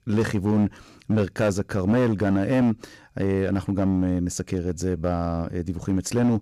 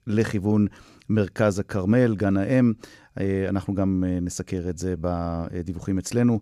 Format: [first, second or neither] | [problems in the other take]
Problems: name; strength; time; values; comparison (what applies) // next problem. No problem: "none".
second | distortion; slight; 8% of the sound clipped